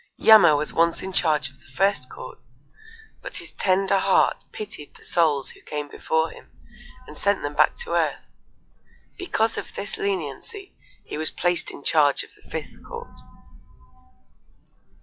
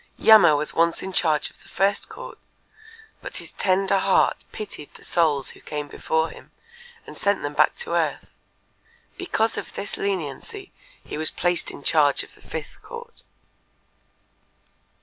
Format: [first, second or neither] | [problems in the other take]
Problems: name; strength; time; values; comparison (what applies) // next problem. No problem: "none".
second | noise reduction (classical method log-MMSE)